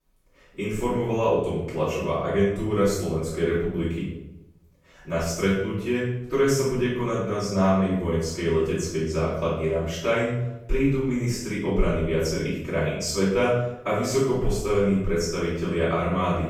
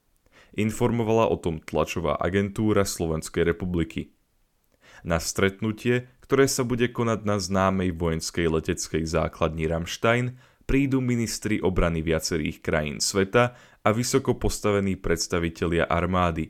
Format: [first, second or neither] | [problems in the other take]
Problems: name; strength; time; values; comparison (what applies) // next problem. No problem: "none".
second | room echo; noticeable; dies away in 0.8 s // off-mic speech; far